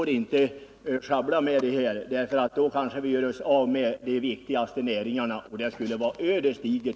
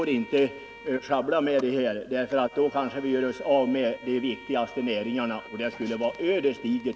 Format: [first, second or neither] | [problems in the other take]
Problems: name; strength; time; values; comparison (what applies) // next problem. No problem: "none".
first | background sound (Bowed string instrument); 19 dB below the speech